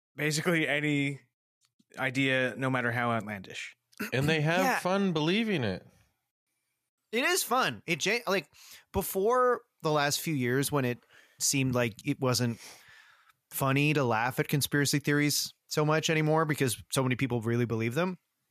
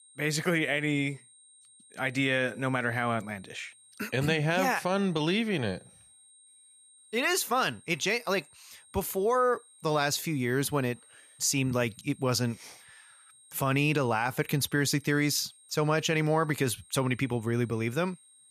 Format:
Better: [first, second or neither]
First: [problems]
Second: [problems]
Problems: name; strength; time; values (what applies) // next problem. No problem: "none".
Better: first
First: none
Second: high-pitched whine; faint; throughout; 8.5 kHz, 25 dB below the speech